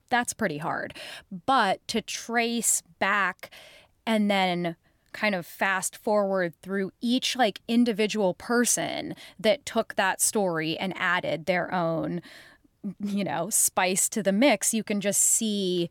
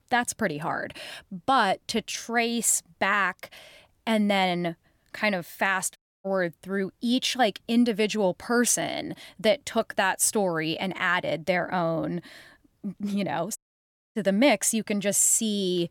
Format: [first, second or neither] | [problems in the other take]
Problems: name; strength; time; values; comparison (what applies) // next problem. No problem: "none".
first | audio cutting out; at 6 s and at 14 s for 0.5 s